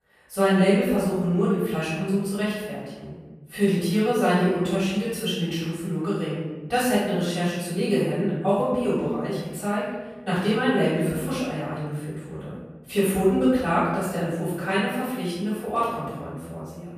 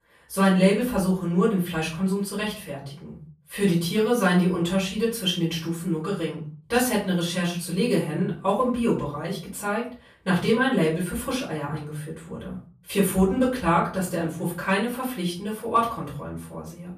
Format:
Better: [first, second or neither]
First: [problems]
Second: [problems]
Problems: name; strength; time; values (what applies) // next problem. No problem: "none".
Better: second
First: room echo; strong; dies away in 1.2 s // off-mic speech; far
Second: room echo; slight; dies away in 0.4 s // off-mic speech; far